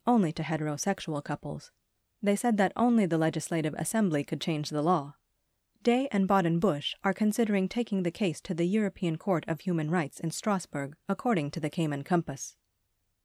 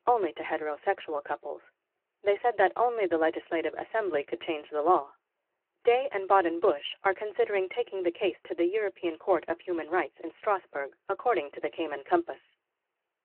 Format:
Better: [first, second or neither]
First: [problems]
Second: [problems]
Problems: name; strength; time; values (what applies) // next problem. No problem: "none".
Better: first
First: none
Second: phone-call audio